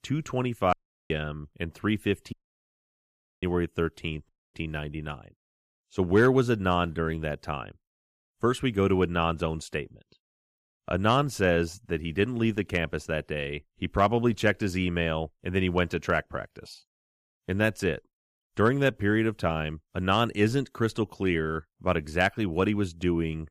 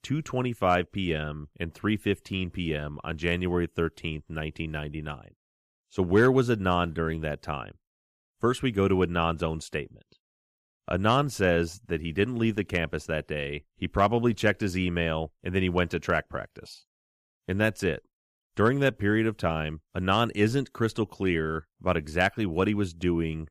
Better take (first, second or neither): second